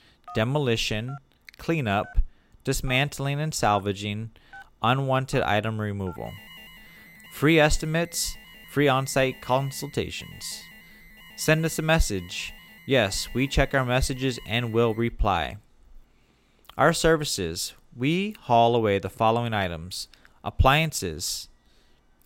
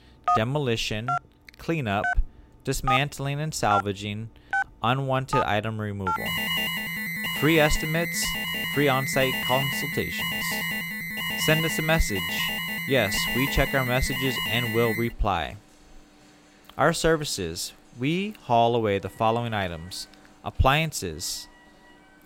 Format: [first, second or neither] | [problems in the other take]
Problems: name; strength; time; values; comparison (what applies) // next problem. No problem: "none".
first | alarms or sirens; loud; throughout; 1 dB below the speech; faint in the first